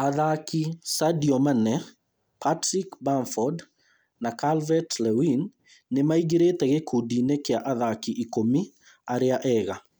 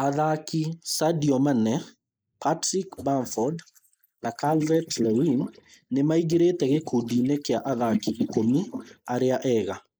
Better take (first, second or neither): first